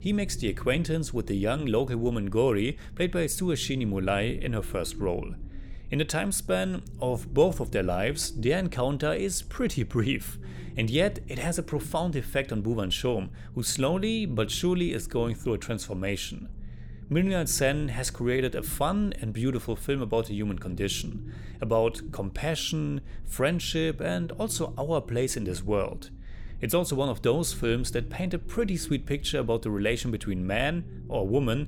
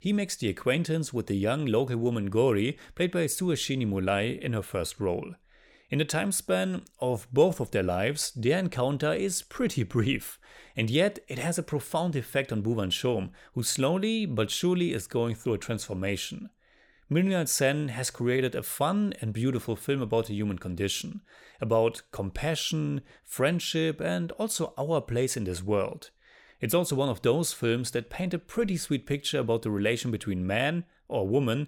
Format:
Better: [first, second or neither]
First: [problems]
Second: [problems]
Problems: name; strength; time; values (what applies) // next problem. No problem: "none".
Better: second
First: low rumble; faint; throughout; 20 dB below the speech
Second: none